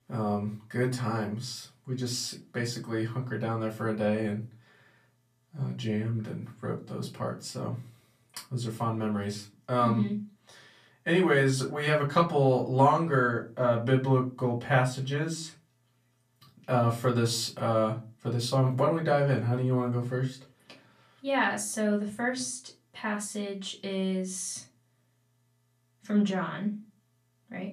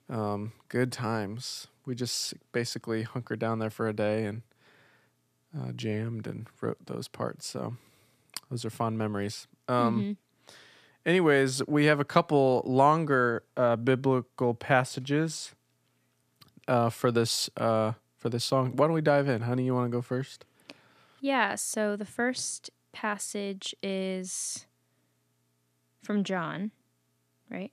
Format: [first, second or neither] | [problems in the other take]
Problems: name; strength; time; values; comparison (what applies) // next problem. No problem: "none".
second | off-mic speech; far // room echo; very slight; dies away in 0.2 s